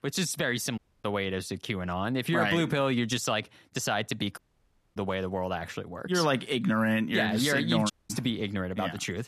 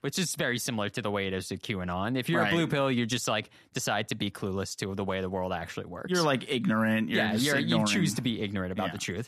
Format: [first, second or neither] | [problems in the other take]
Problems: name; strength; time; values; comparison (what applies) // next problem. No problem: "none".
second | audio cutting out; at 1 s, at 4.5 s for 0.5 s and at 8 s